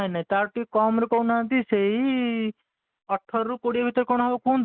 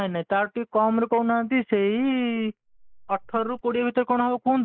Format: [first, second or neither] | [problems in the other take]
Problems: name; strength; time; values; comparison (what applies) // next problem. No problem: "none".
first | noise reduction (neural mask model Resemble Enhance denoiser)